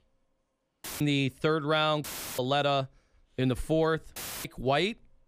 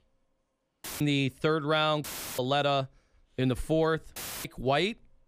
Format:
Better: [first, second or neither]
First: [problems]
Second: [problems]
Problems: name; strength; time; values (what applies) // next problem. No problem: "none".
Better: neither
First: audio cutting out; filled with static; at 1 s, at 2 s and at 4 s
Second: audio cutting out; filled with static; at 1 s, at 2 s and at 4 s